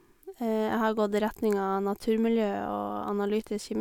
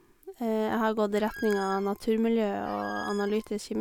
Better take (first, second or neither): first